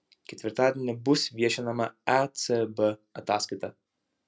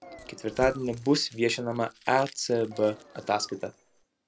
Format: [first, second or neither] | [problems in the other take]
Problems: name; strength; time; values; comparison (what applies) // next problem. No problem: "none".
first | background sound (Engine + Crumpling, crinkling / Crushing); 19 dB below the speech